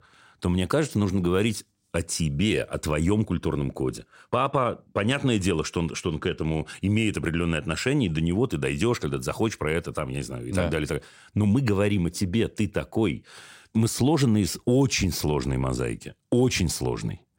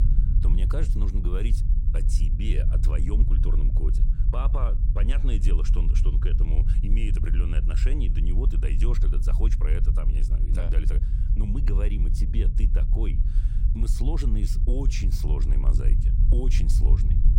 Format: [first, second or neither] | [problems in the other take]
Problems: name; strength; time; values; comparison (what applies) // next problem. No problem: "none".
first | low rumble; loud; throughout; 5 dB below the speech